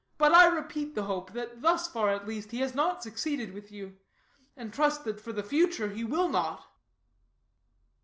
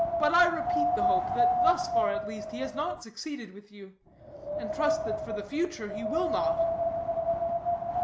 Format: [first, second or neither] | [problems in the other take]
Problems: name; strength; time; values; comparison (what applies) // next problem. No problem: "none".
first | background sound (Wind); 4 dB above the speech